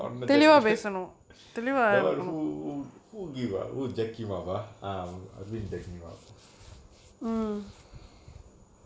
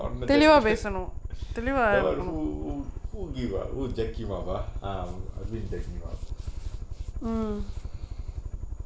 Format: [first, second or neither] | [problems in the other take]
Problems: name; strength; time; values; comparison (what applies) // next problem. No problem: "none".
first | background sound (Aircraft); 6 dB below the speech